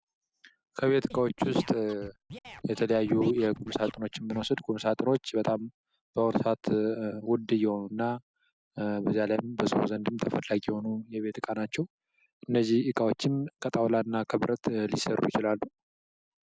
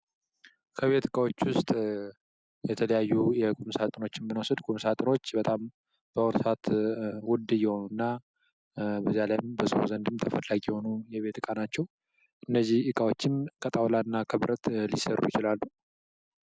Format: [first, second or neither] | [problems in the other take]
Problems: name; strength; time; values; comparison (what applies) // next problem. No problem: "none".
second | background sound (Scratching (performance technique)); 19 dB below the speech